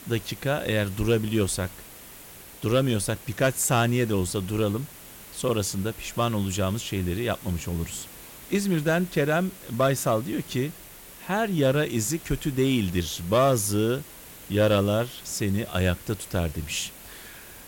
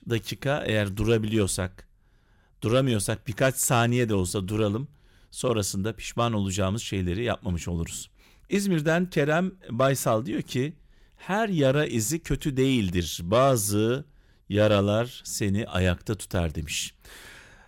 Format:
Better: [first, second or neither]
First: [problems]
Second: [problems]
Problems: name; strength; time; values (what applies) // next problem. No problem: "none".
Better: second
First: hiss; noticeable; throughout; 15 dB below the speech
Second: none